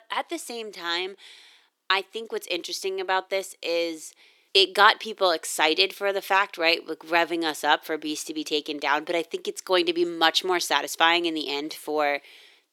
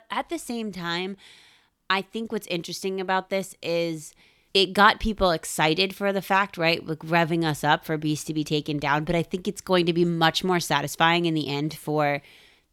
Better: second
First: thin; very; fading below 350 Hz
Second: none

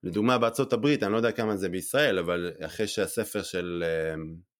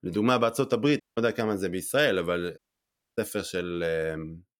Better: first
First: none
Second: audio cutting out; at 1 s and at 2.5 s for 0.5 s

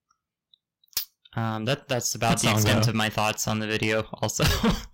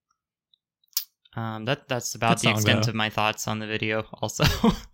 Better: second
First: distortion; heavy; 8% of the sound clipped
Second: none

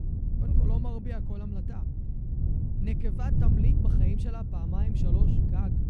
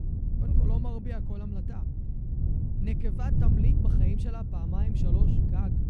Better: neither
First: wind noise on the microphone; heavy; 3 dB above the speech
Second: wind noise on the microphone; heavy; 3 dB above the speech

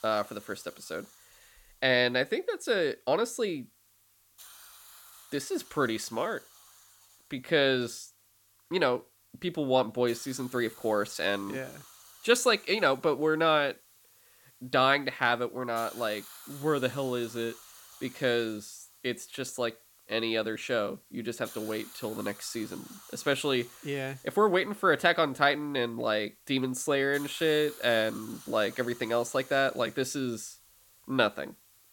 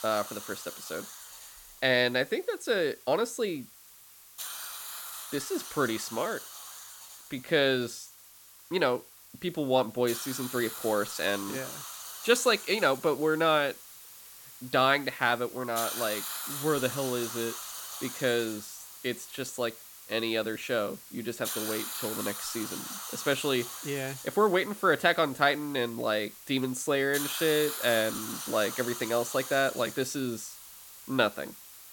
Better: first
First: hiss; faint; throughout; 20 dB below the speech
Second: hiss; loud; throughout; 9 dB below the speech

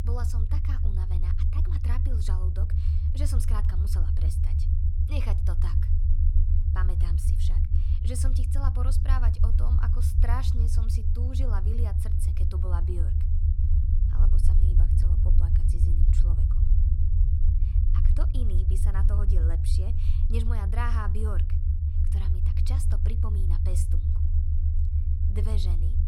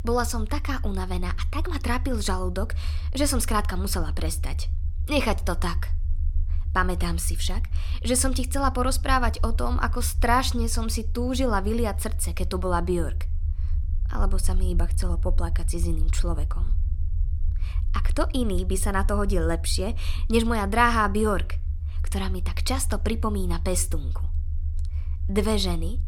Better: second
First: low rumble; loud; throughout; 1 dB below the speech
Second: low rumble; faint; throughout; 20 dB below the speech

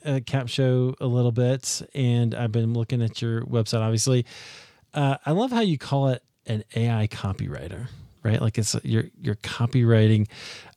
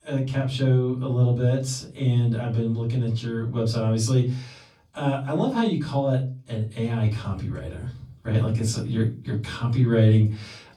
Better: first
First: none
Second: off-mic speech; far // room echo; very slight; dies away in 0.3 s

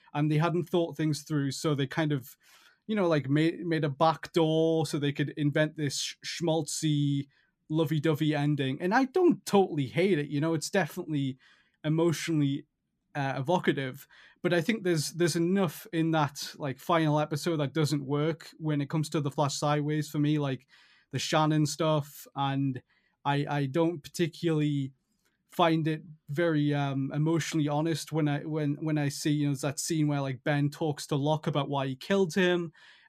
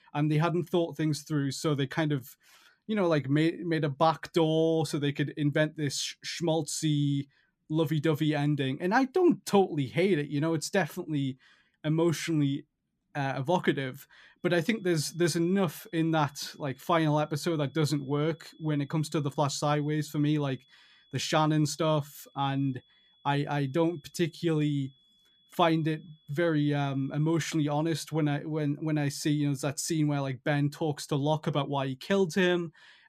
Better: first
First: none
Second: high-pitched whine; faint; from 14 to 28 s; 3.5 kHz, 35 dB below the speech

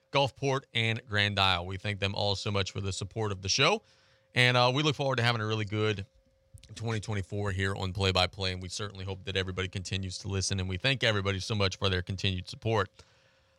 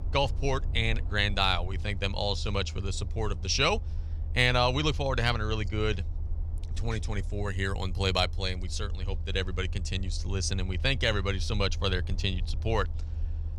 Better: first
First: none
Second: low rumble; faint; throughout; 25 dB below the speech

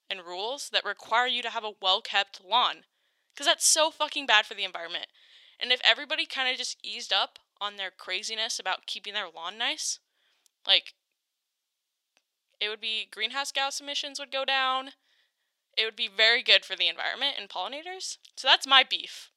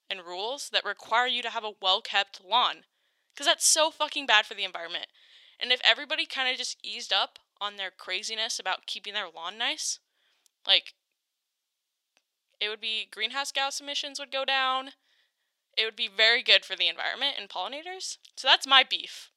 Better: neither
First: thin; very; fading below 700 Hz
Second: thin; very; fading below 700 Hz

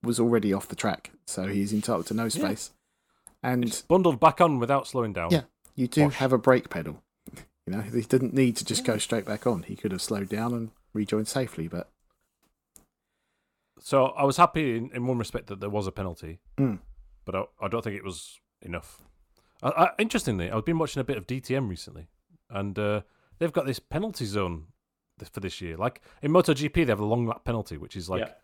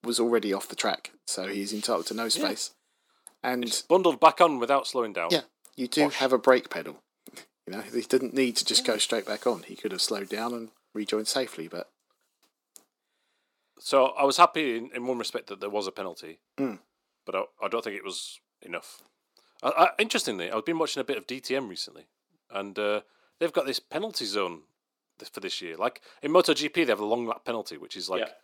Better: first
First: none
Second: thin; somewhat; fading below 300 Hz

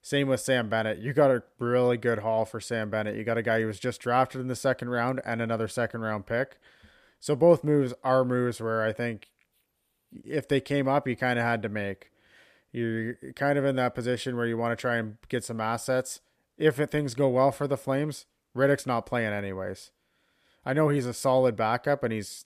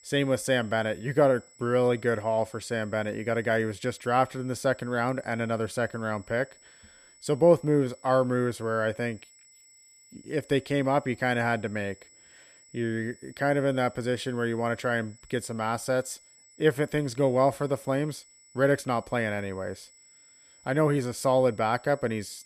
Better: first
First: none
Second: high-pitched whine; faint; throughout; 8 kHz, 25 dB below the speech

